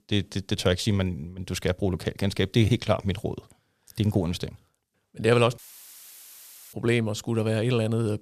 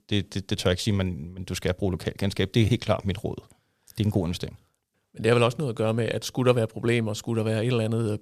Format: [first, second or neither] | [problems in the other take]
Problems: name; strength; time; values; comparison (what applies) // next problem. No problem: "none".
second | audio cutting out; filled with static; at 5.5 s for 1 s